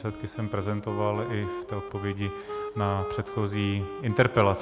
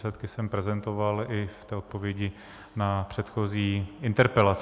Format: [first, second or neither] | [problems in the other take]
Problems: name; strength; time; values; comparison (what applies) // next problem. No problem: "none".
second | background sound (Wind instrument, woodwind instrument); 8 dB below the speech